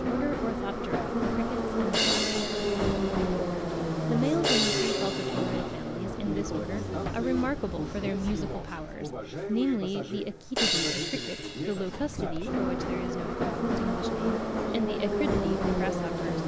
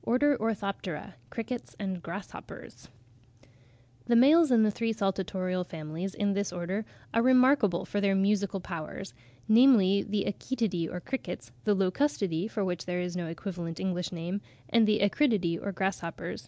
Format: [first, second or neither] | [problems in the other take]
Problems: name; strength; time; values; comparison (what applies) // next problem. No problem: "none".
second | background sound (Subway, metro, underground + Crash cymbal); 4 dB above the speech